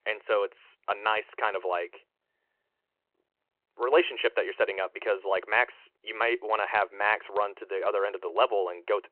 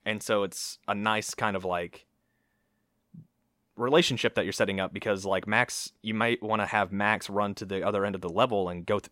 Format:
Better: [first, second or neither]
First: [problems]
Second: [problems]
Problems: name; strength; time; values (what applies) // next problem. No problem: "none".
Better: second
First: phone-call audio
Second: none